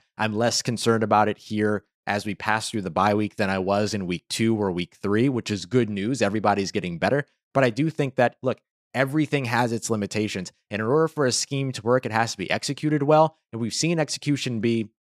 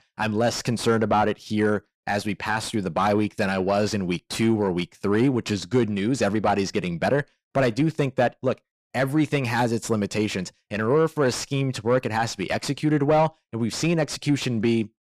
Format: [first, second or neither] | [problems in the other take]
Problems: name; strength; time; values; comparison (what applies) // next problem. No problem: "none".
first | distortion; slight; 10 dB below the speech